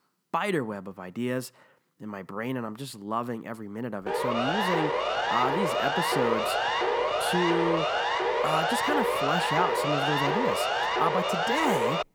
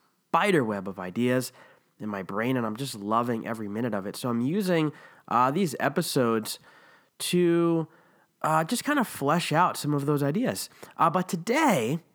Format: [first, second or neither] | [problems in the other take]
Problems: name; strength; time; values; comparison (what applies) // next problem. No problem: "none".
second | siren; loud; from 4 s on; peak 5 dB above the speech